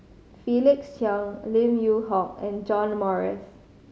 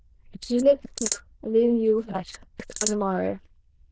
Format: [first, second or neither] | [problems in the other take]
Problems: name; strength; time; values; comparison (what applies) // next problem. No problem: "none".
first | noise reduction (neural diffusion model UNIVERSE++)